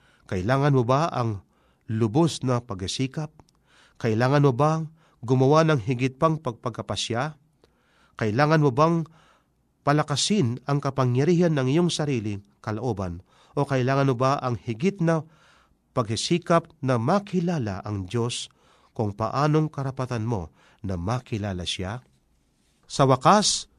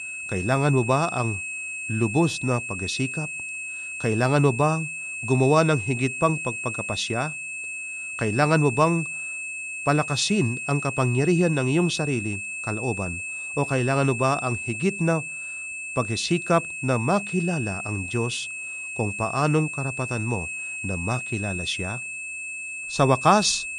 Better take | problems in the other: first | high-pitched whine; loud; throughout; 2.5 kHz, 6 dB below the speech

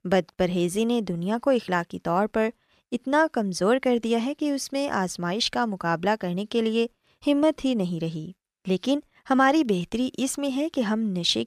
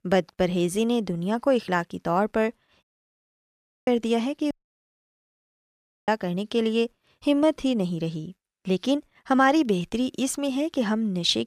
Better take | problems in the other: first | audio cutting out; at 3 s for 1 s and at 4.5 s for 1.5 s

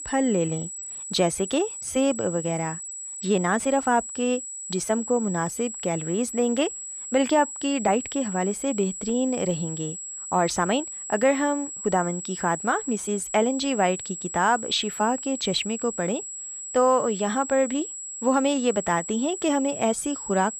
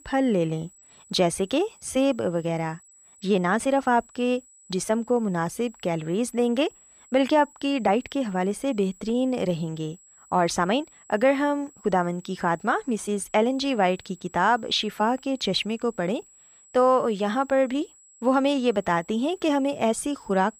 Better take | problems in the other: second | high-pitched whine; loud; throughout; 7.5 kHz, 8 dB below the speech; faint in the second

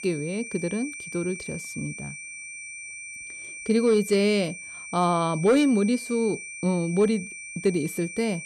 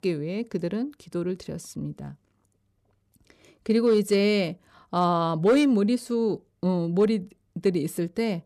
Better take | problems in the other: second | high-pitched whine; noticeable; throughout; 2.5 kHz, 10 dB below the speech

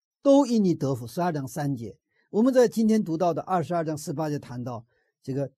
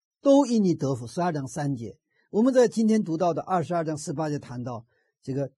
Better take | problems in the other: first | garbled, watery; badly; nothing above 10.5 kHz; slightly in the first

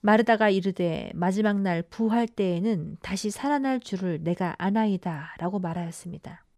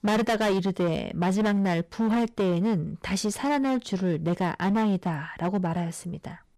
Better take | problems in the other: first | distortion; heavy; 16% of the sound clipped

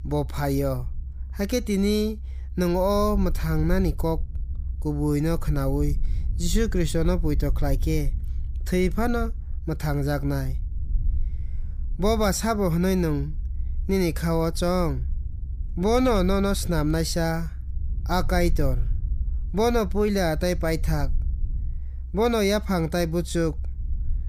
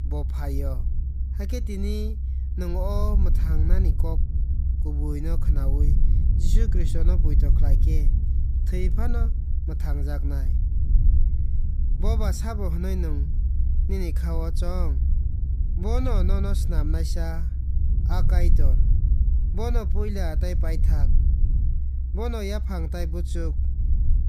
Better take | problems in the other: first | low rumble; loud; throughout; 7 dB below the speech; faint in the first

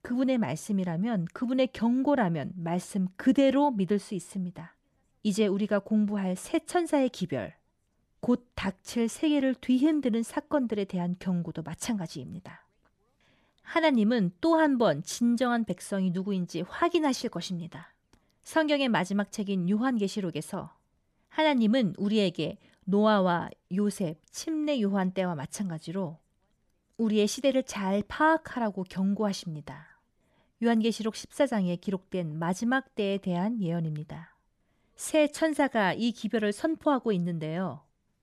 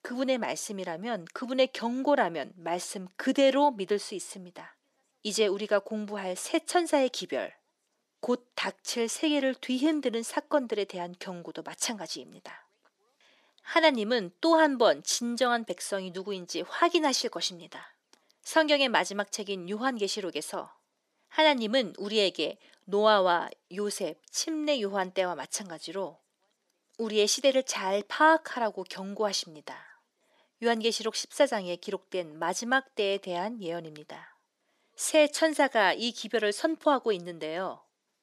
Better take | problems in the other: first | thin; somewhat; fading below 350 Hz

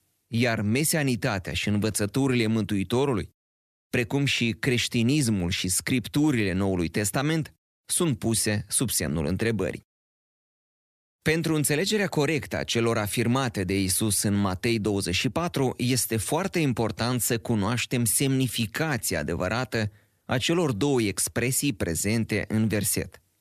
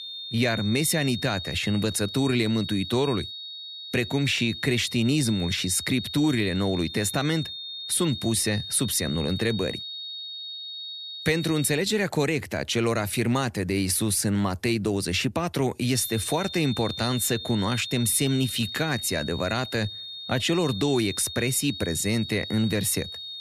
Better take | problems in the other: first | high-pitched whine; loud; until 12 s and from 16 s on; 3.5 kHz, 9 dB below the speech

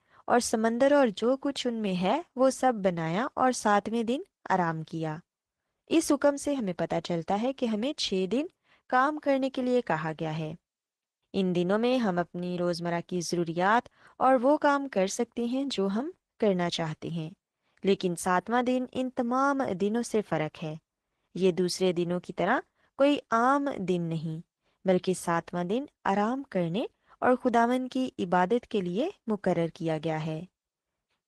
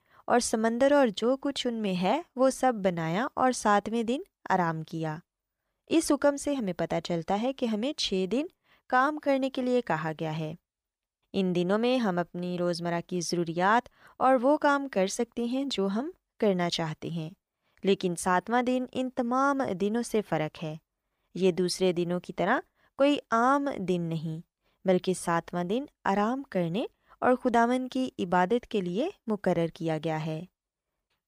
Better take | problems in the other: second | garbled, watery; slightly

